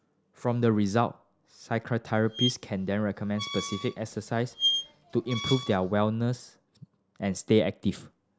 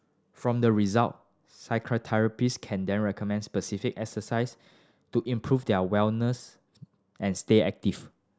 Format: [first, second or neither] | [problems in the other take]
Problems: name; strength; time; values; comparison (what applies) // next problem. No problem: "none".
second | background sound (Squeak); 6 dB below the speech